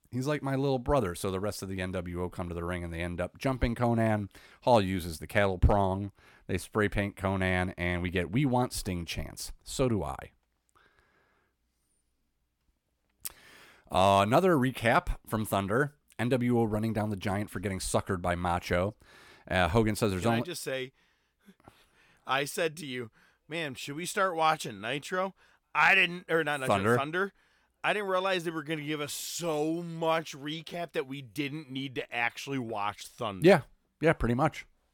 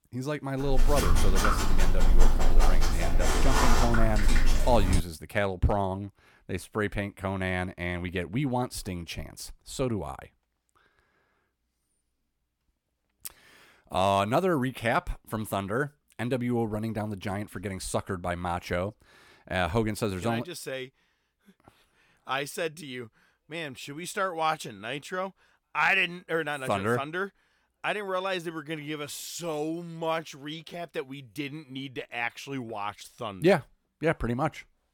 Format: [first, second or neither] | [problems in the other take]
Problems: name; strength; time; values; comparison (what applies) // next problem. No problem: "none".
first | dog barking; loud; from 0.5 to 5 s; peak 5 dB above the speech